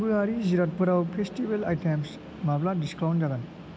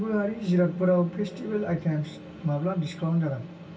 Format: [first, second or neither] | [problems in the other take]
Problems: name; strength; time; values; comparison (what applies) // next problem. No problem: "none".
first | room echo; dies away in 0.2 s